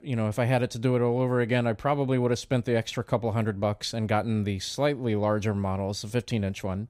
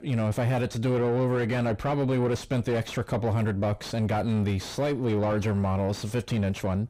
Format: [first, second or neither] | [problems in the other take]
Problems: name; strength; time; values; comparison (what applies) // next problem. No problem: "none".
first | distortion; heavy; 7 dB below the speech